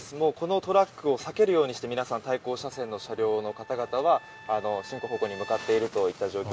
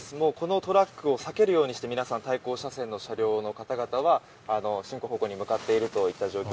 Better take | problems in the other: second | background sound (Trumpet); 19 dB below the speech

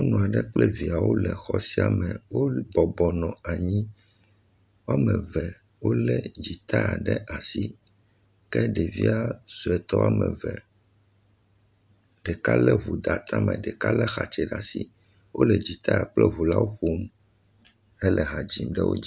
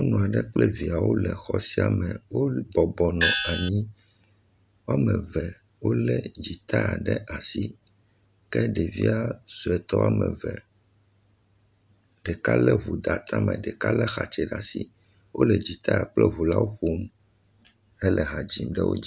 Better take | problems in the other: first | background sound (Gong); 1 dB above the speech

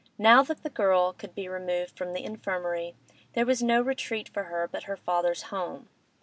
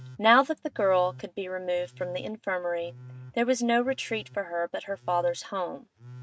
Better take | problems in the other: first | noise reduction (neural mask model RNNoise)

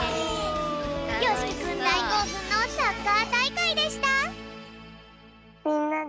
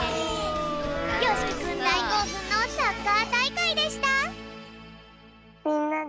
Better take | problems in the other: first | background sound (Livestock, farm animals, working animals); 9 dB below the speech

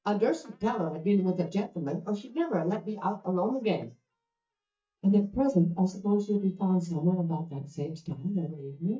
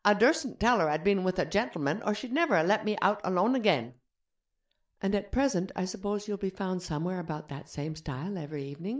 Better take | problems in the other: second | noise reduction (neural mask model DeepFilterNet 3)

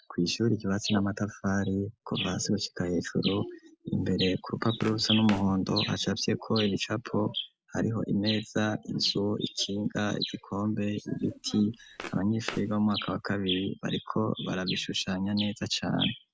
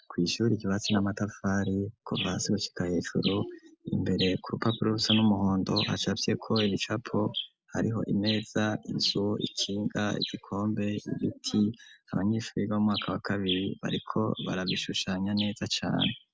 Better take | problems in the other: second | background sound (Walk, footsteps); 17 dB below the speech

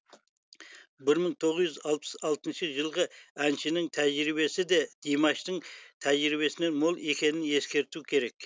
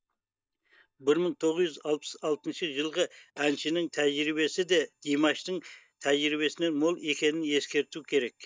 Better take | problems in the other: first | noise reduction (neural mask model DeepFilterNet 3)

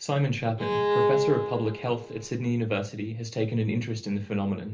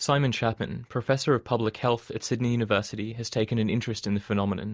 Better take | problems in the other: second | background sound (Bowed string instrument); as loud as the speech // room echo; dies away in 0.3 s

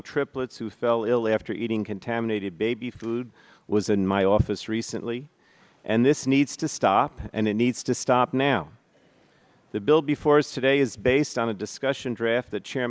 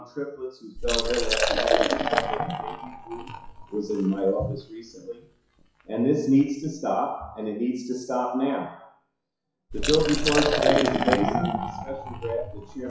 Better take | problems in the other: first | noise reduction (classical method WPE with log-MMSE)

